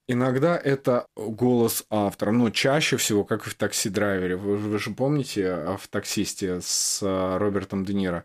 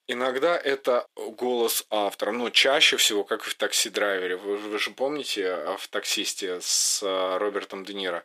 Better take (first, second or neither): first